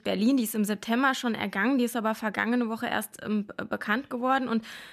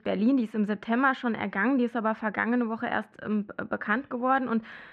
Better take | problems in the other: first | muffled; very; fading above 2 kHz

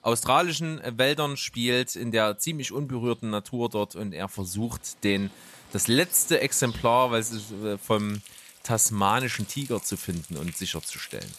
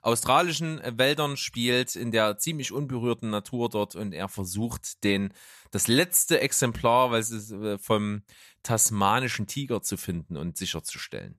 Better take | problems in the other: second | rain or running water; noticeable; throughout; 20 dB below the speech

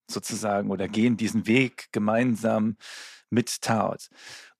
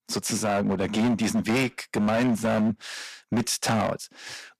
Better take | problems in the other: first | distortion; heavy; 17% of the sound clipped

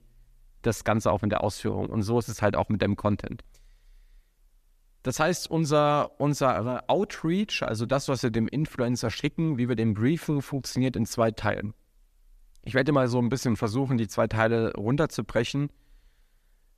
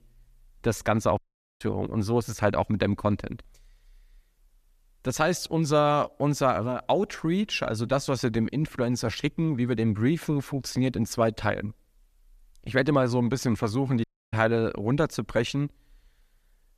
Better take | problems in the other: first | audio cutting out; at 1 s and at 14 s

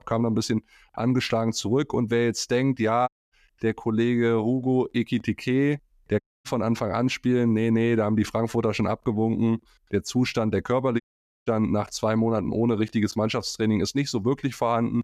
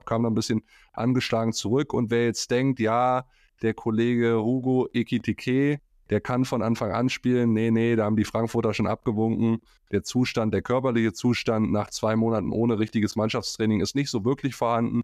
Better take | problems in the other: second | audio cutting out; at 3 s, at 6 s and at 11 s

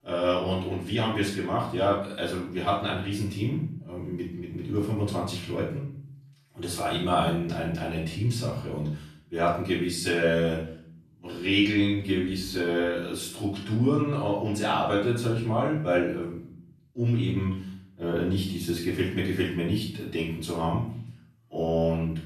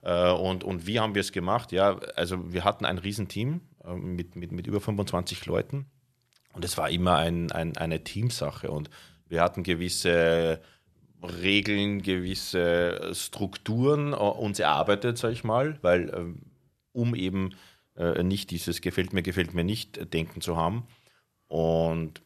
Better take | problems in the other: second | off-mic speech; far // room echo; noticeable; dies away in 0.5 s

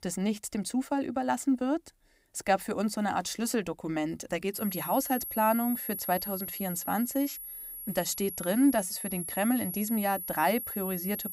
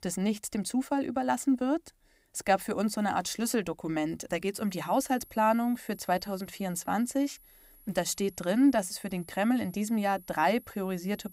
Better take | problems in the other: second | high-pitched whine; loud; from 4.5 s on; 11.5 kHz, 5 dB below the speech; faint in the second

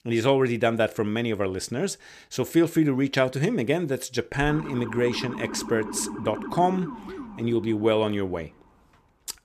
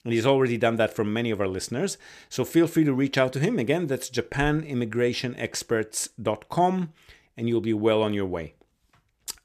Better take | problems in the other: second | siren; noticeable; from 4.5 to 8.5 s; peak 9 dB below the speech

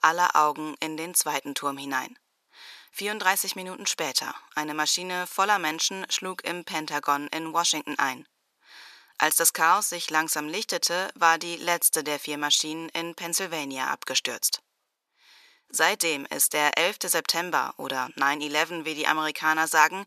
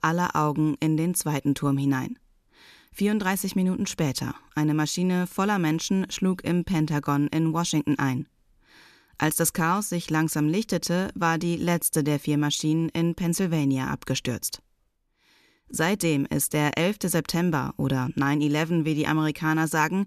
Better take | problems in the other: second | thin; very; fading below 750 Hz

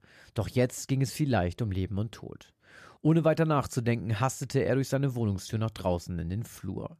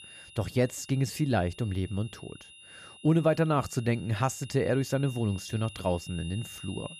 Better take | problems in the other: first | high-pitched whine; noticeable; throughout; 3 kHz, 15 dB below the speech

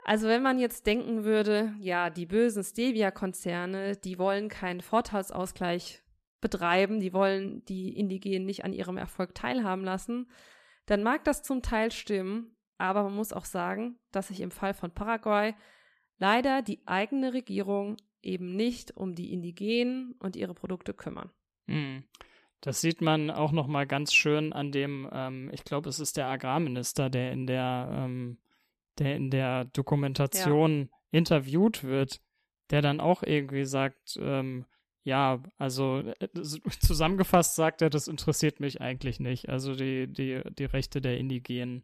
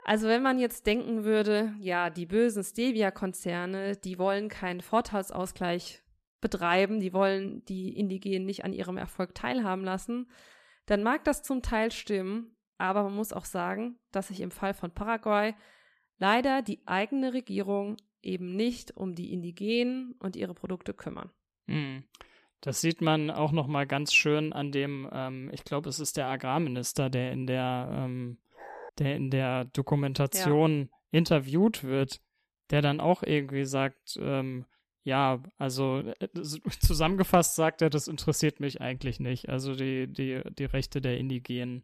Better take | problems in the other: first | dog barking; faint; at 29 s; peak 15 dB below the speech

